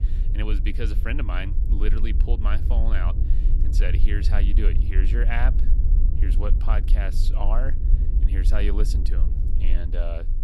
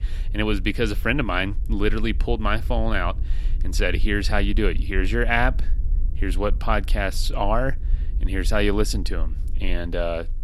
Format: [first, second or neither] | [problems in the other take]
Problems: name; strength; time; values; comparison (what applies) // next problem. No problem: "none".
second | low rumble; loud; throughout; 9 dB below the speech; faint in the second